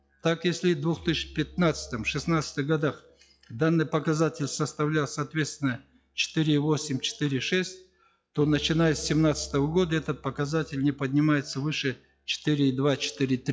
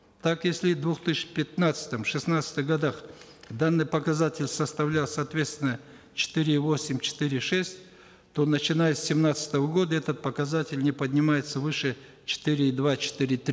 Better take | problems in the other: second | noise reduction (classical method log-MMSE)

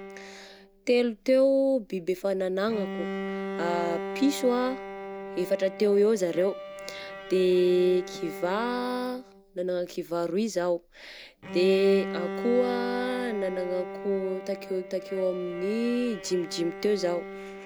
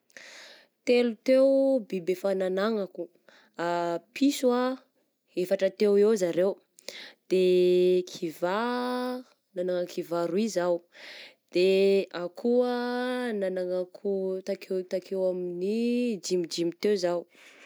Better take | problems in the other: second | background sound (Bowed string instrument); 10 dB below the speech

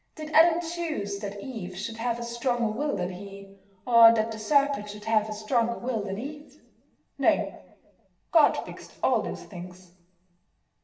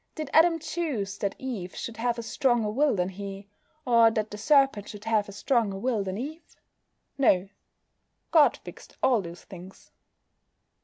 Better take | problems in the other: second | room echo; dies away in 0.8 s

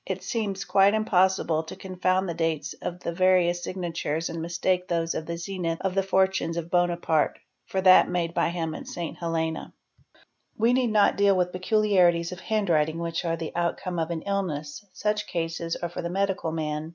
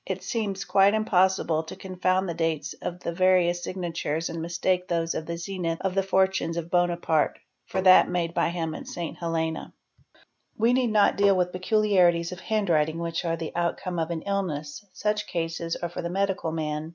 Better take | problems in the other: first | background sound (Tap); 9 dB below the speech

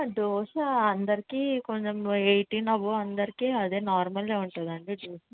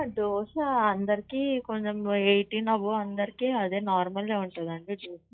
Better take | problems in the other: first | noise reduction (classical method log-MMSE)

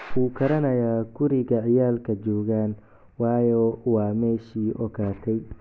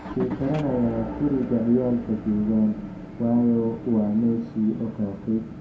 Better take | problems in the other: first | background sound (Motor vehicle (road) / Engine); 11 dB below the speech // room echo; dies away in 0.4 s

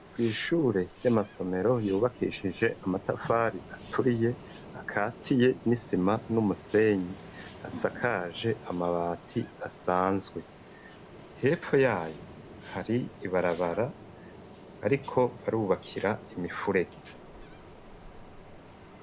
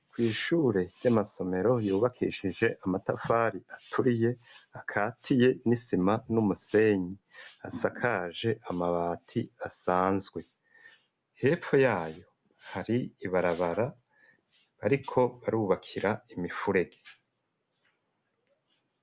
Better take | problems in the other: second | background sound (Ocean); 18 dB below the speech

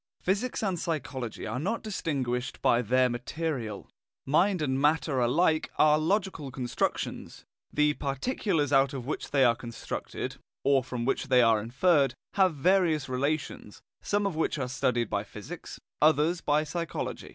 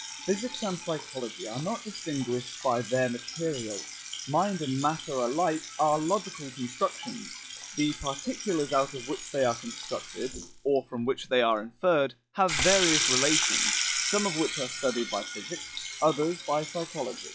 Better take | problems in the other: first | noise reduction (classical method log-MMSE)

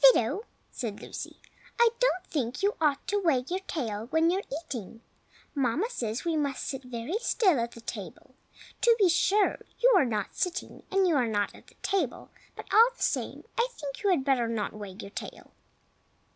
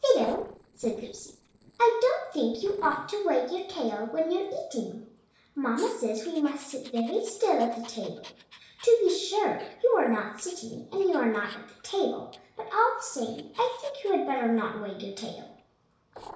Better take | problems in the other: first | noise reduction (neural separator model SepFormer DNS4)

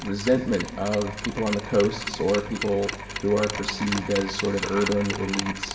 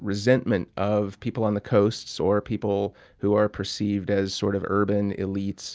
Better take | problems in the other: second | background sound (Mechanisms); 8 dB below the speech // room echo; dies away in 1.8 s

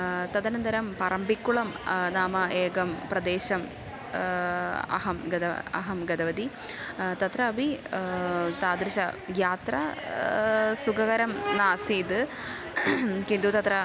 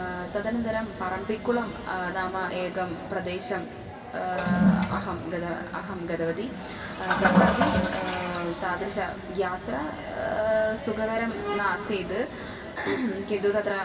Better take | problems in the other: first | background sound (Toilet flush); 2 dB below the speech // room echo; dies away in 2.1 s

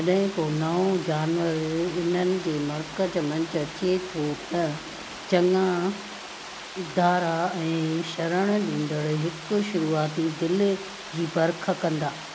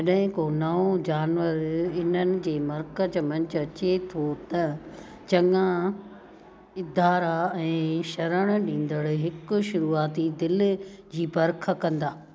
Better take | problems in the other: second | background sound (Water); 13 dB below the speech

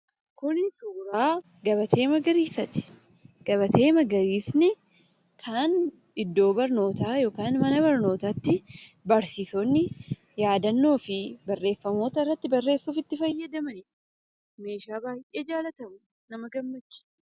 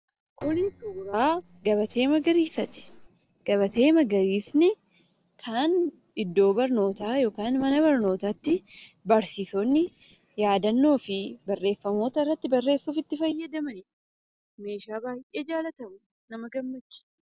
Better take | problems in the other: first | noise reduction (neural separator model SepFormer DNS4)

